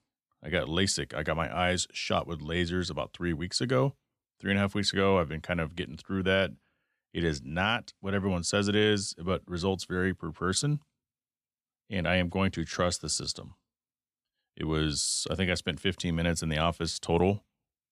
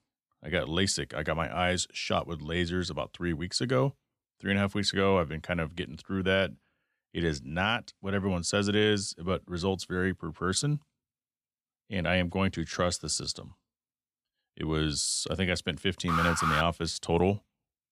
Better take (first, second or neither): first